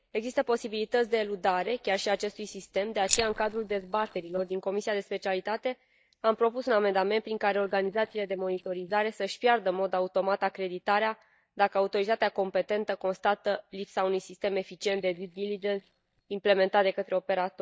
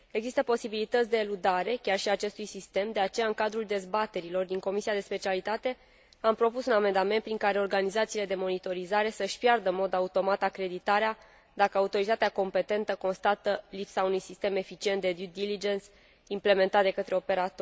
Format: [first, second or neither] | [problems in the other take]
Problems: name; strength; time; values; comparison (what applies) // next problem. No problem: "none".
second | noise reduction (neural mask model DeepFilterNet 3)